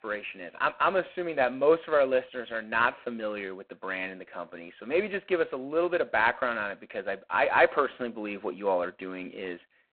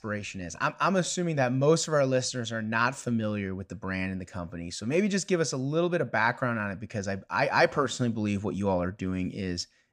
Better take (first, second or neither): second